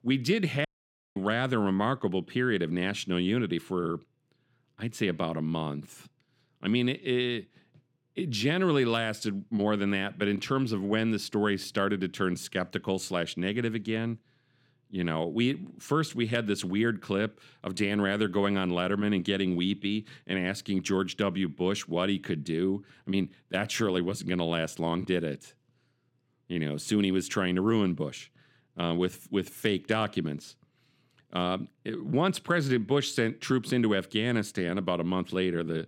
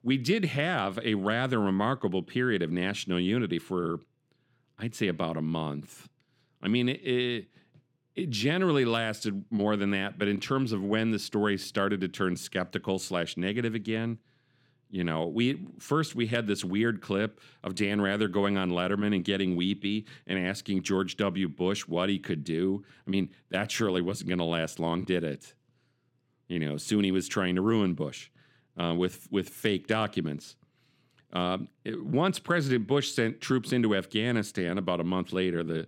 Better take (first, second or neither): second